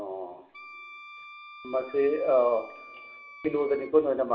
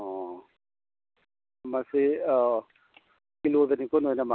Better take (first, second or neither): second